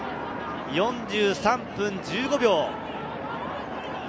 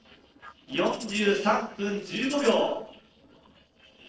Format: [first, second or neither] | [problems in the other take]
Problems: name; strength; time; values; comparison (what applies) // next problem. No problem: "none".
first | noise reduction (neural separator model SepFormer DNS4)